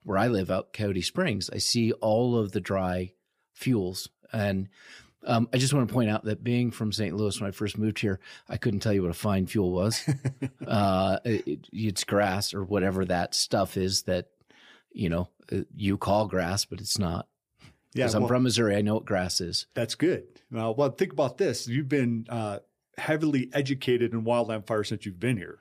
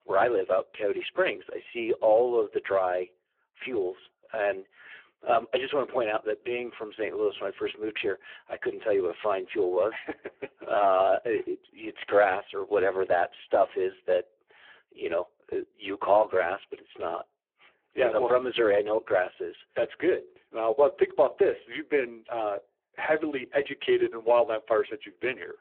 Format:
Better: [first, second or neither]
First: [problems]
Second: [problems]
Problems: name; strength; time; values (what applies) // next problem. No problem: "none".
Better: first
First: none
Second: phone-call audio; poor line